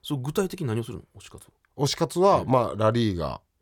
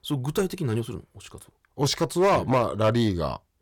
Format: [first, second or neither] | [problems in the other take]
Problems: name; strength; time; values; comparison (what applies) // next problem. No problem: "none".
first | distortion; slight; 5% of the sound clipped